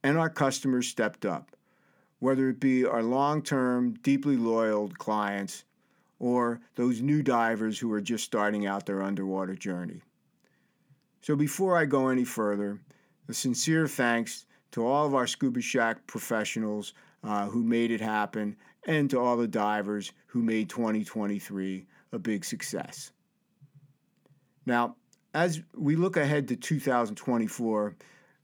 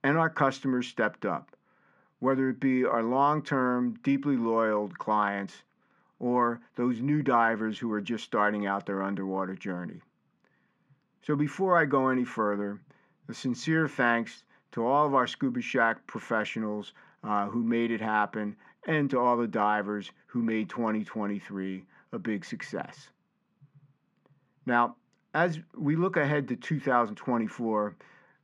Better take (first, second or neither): first